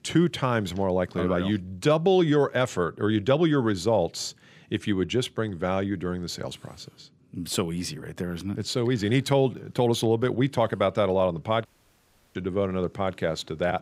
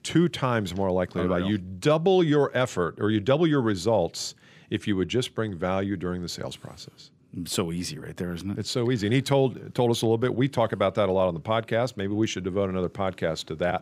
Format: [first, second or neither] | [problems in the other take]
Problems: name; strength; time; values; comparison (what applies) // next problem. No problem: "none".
second | audio cutting out; at 12 s for 0.5 s